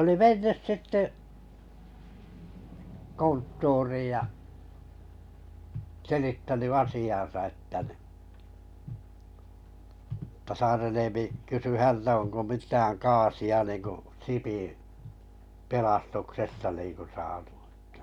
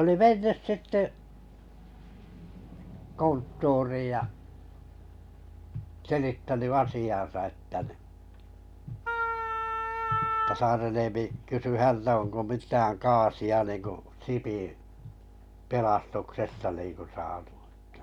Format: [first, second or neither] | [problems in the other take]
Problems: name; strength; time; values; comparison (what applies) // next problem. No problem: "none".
first | background sound (Wind instrument, woodwind instrument); 1 dB below the speech